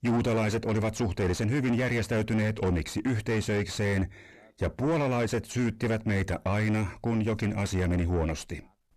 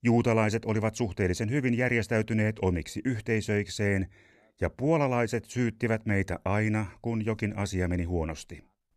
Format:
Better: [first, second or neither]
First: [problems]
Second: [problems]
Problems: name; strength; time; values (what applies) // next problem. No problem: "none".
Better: second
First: distortion; heavy; 6 dB below the speech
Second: none